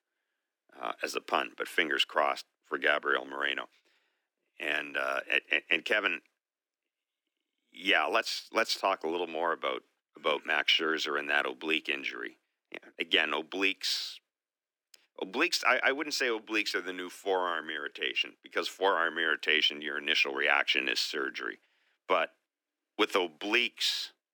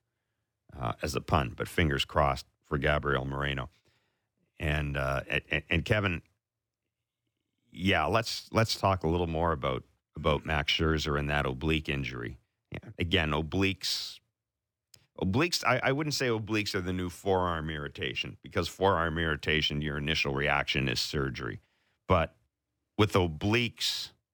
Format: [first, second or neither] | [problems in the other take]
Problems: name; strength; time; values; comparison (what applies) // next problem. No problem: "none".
second | thin; very; fading below 300 Hz